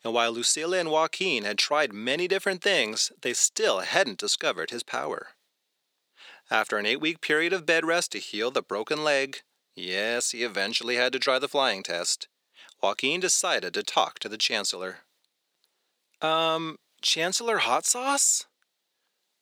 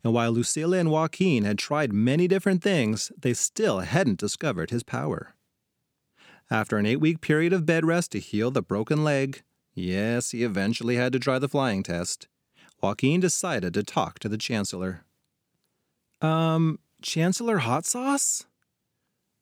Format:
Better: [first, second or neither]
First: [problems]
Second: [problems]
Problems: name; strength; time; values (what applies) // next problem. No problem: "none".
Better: second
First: thin; very; fading below 550 Hz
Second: none